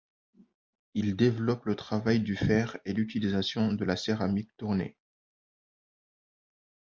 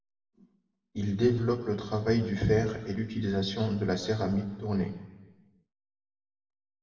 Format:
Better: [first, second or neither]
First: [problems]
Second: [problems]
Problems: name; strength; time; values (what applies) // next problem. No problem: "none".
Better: first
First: none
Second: room echo; dies away in 1.1 s